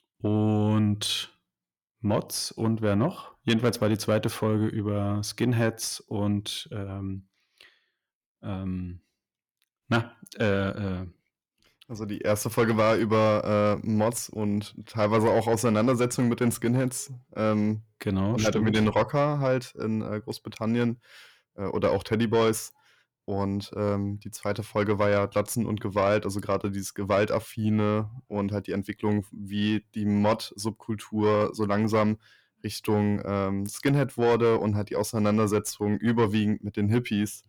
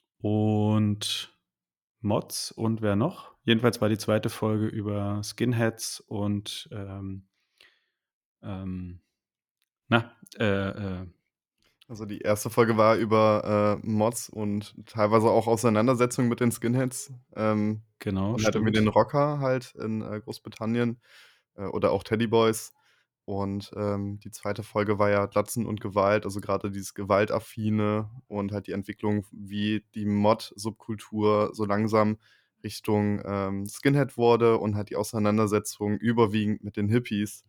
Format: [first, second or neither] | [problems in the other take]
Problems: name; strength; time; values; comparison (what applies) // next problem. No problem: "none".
second | distortion; slight; 10 dB below the speech